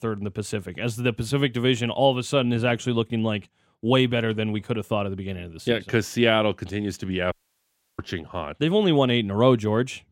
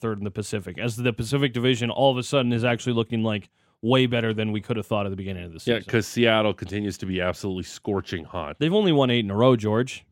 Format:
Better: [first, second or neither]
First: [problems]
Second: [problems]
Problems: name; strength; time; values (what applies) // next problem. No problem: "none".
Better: second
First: audio cutting out; at 7.5 s for 0.5 s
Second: none